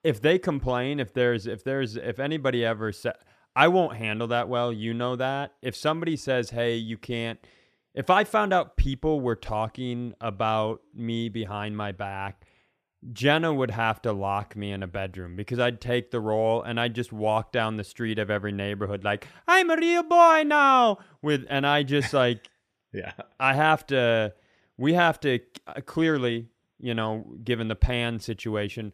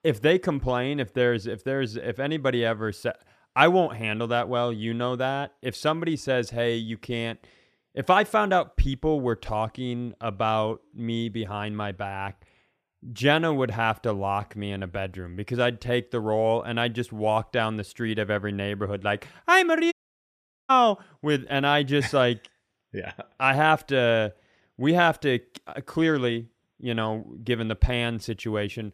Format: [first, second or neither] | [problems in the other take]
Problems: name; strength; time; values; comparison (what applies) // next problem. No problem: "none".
first | audio cutting out; at 20 s for 1 s